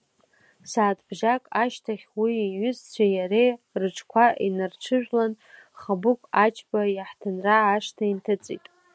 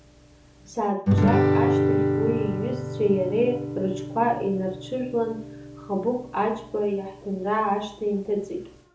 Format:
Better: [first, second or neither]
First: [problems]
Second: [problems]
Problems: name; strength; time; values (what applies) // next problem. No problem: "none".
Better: first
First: none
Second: background sound (Guitar); 1 dB below the speech // room echo; dies away in 0.6 s